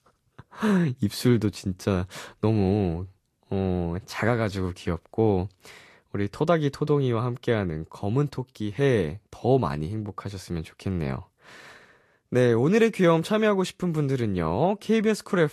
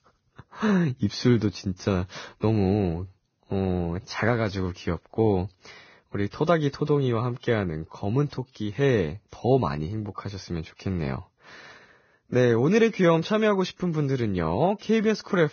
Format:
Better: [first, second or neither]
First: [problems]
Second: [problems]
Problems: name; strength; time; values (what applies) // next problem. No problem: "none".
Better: first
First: garbled, watery; slightly; nothing above 13 kHz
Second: garbled, watery; badly; nothing above 6.5 kHz